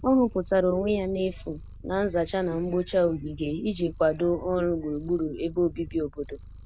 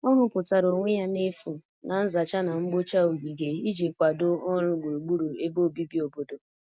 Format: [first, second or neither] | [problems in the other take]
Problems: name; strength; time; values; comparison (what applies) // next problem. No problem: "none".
second | background sound (Purr); 16 dB below the speech